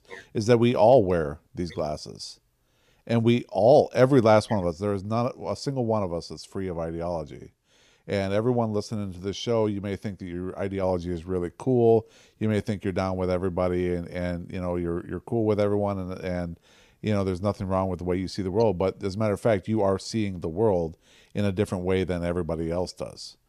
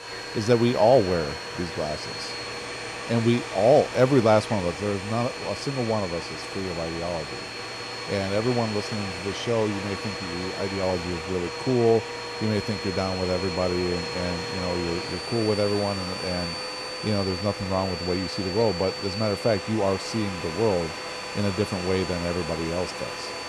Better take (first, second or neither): first